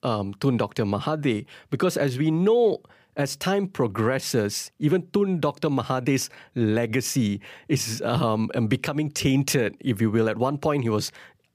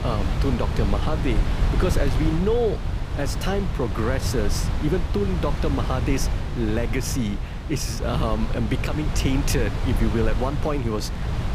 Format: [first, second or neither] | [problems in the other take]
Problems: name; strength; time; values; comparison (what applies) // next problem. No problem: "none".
first | wind noise on the microphone; heavy; 6 dB below the speech